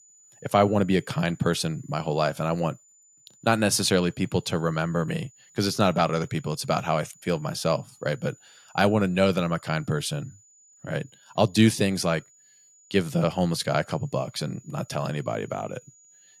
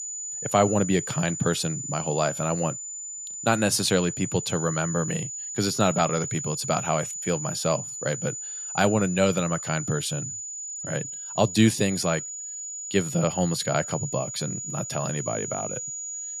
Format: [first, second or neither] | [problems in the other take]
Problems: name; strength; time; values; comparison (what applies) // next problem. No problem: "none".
first | high-pitched whine; loud; throughout; 7 kHz, 6 dB below the speech; faint in the first